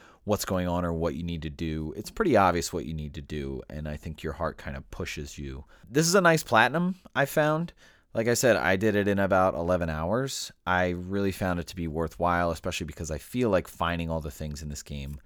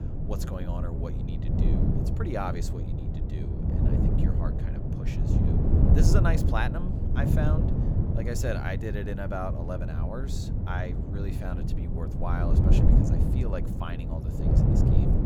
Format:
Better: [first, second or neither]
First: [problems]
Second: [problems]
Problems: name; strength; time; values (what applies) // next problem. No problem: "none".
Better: first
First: none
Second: wind noise on the microphone; heavy; 2 dB below the speech